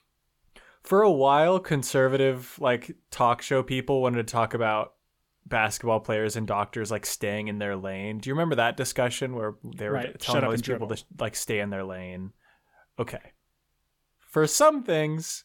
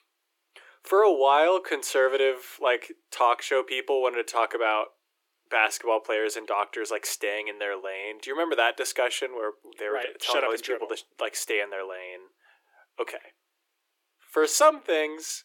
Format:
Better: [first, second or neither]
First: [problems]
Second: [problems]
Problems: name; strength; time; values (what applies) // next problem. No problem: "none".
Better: first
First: none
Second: thin; very; fading below 300 Hz